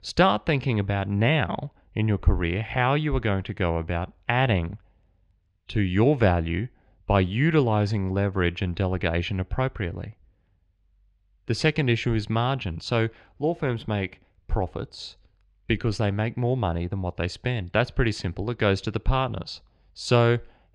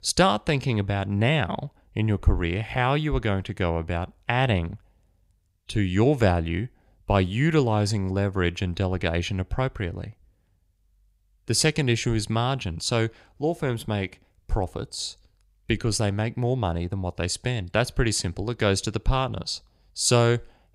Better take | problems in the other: second | muffled; slightly; fading above 3 kHz

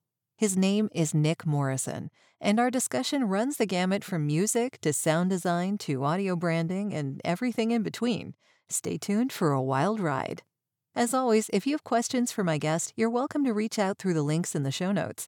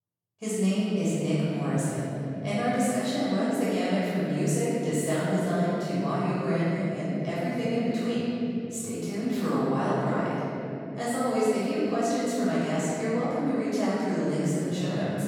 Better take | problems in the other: first | off-mic speech; far // room echo; strong; dies away in 3 s

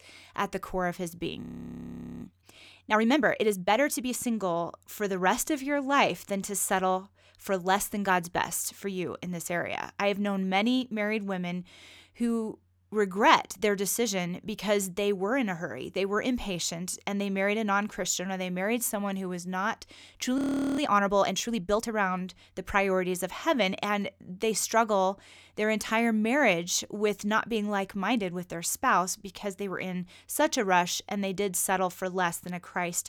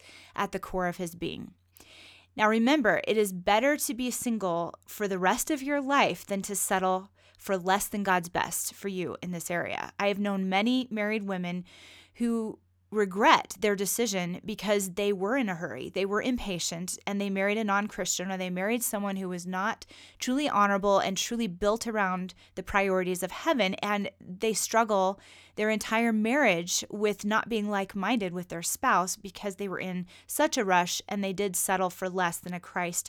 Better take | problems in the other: second | audio freezing; at 1.5 s for 1 s and at 20 s

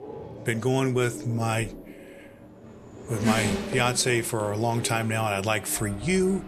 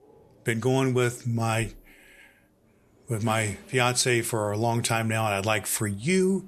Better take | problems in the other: second | traffic noise; loud; throughout; 9 dB below the speech; faint in the second

